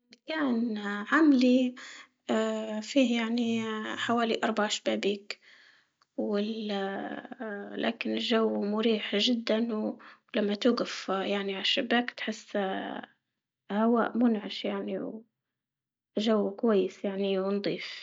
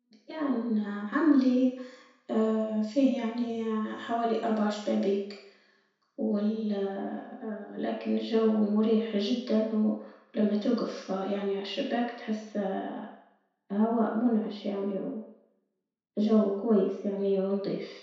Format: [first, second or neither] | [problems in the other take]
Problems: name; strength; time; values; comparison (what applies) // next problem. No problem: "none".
first | room echo; dies away in 0.7 s